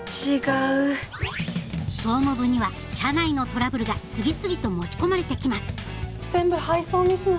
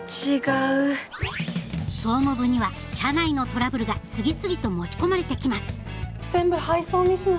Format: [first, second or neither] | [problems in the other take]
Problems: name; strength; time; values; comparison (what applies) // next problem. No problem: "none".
second | background sound (Bass drum / Snare drum / Drum kit); 17 dB below the speech